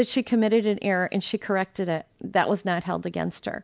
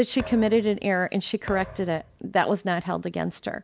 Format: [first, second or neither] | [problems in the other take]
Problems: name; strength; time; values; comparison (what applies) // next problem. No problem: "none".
first | background sound (Thump, thud); 16 dB below the speech